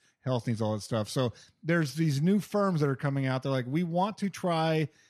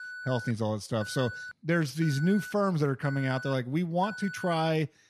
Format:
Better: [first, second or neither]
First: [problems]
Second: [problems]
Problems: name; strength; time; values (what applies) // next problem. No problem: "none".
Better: first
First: none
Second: alarm; noticeable; until 4.5 s; peak 10 dB below the speech